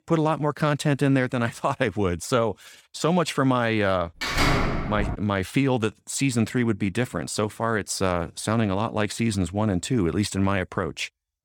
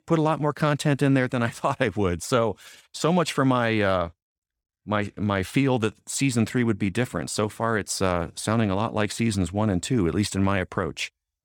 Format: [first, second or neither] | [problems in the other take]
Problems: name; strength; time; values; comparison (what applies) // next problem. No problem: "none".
second | door banging; loud; at 4 s; peak 3 dB above the speech